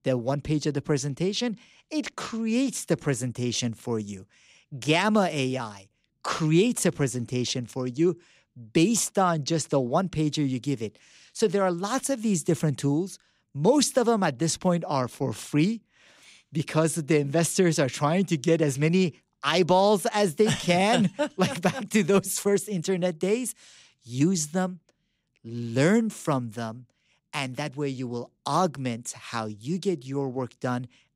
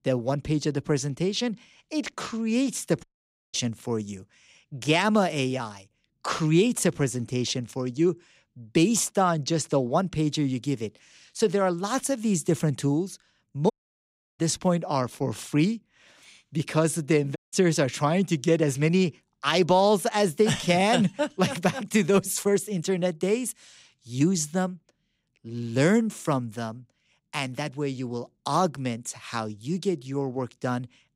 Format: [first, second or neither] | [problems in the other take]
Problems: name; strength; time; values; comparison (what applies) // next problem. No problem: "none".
first | audio cutting out; at 3 s, at 14 s for 0.5 s and at 17 s